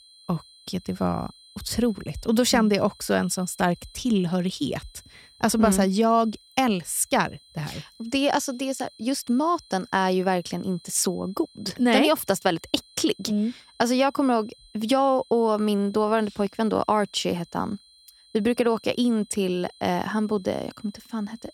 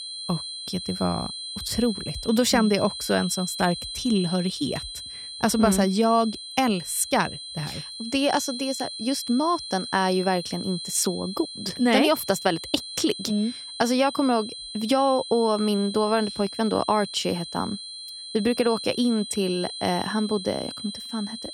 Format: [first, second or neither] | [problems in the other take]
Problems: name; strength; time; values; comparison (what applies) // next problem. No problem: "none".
first | high-pitched whine; loud; throughout; 4 kHz, 9 dB below the speech; faint in the first